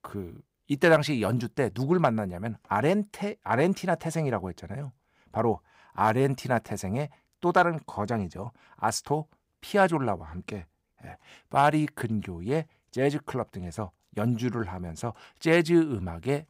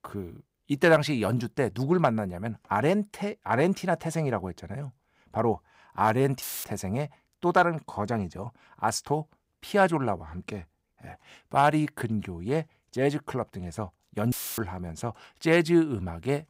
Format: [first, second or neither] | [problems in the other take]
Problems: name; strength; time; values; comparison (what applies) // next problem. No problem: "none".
first | audio cutting out; filled with static; at 6.5 s and at 14 s